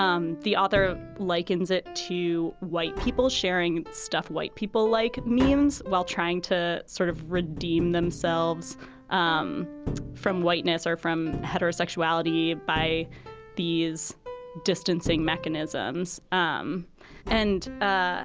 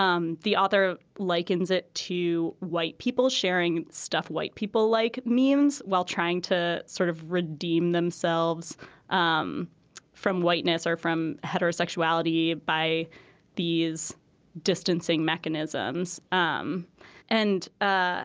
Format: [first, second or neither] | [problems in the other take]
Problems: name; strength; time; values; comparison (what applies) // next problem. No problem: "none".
second | background sound (Tap + Piano); 12 dB below the speech